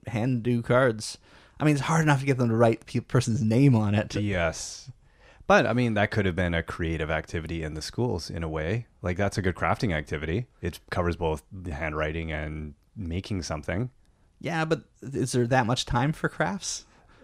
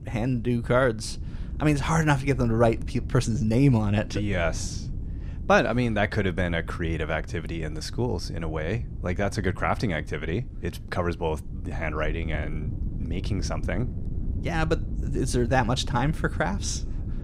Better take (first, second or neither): first